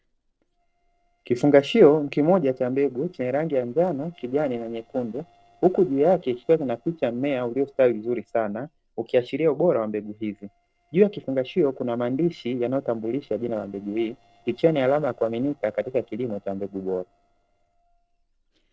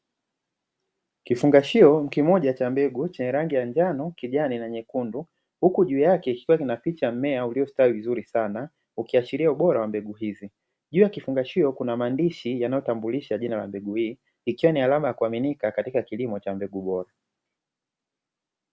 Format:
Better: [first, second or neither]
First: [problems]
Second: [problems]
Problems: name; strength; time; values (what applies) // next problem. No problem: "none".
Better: second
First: noise reduction (neural separator model SepFormer DNS4)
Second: none